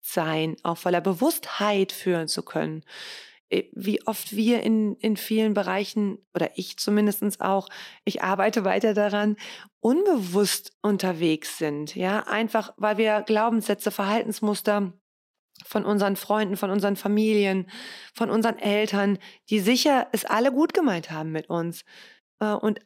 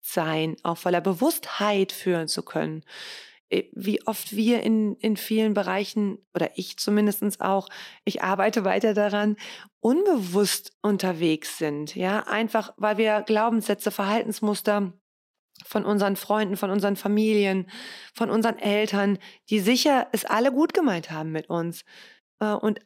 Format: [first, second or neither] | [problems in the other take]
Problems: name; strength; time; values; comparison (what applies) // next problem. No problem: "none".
neither | none